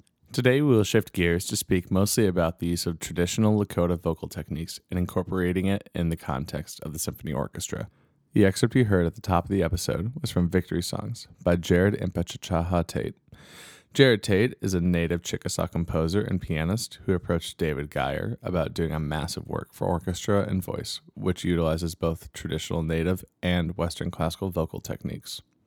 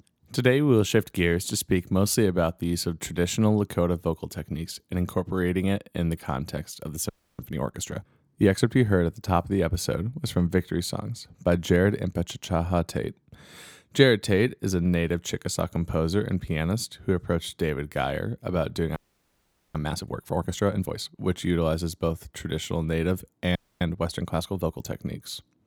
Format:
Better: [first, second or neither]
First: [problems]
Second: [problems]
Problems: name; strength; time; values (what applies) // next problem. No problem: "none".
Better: first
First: none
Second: audio freezing; at 7 s, at 19 s for 1 s and at 24 s